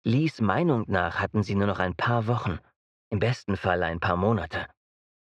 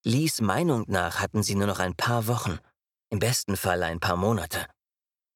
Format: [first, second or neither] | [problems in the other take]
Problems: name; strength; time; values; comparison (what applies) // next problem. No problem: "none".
second | muffled; slightly; fading above 3 kHz